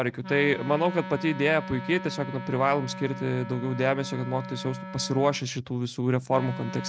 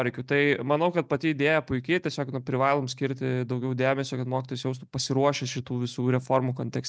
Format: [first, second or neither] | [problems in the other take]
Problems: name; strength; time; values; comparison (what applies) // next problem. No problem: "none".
second | background sound (Wind instrument, woodwind instrument); 11 dB below the speech